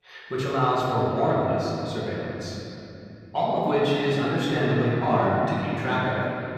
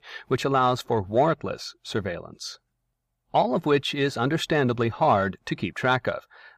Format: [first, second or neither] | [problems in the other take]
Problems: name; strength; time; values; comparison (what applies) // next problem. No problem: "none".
second | room echo; strong; dies away in 3 s // off-mic speech; far